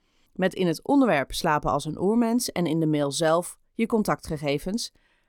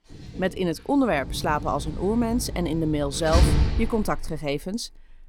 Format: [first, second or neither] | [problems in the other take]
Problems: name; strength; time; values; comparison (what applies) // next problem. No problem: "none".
first | door banging; loud; from 1.5 to 4.5 s; peak 5 dB above the speech